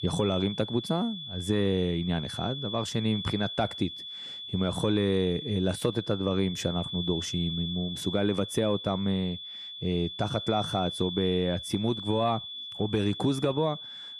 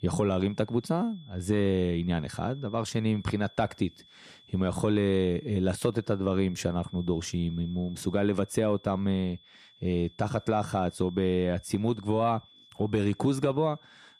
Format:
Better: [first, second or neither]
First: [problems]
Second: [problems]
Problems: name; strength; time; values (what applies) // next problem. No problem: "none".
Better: second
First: high-pitched whine; loud; throughout; 3.5 kHz, 7 dB below the speech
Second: high-pitched whine; faint; throughout; 3.5 kHz, 25 dB below the speech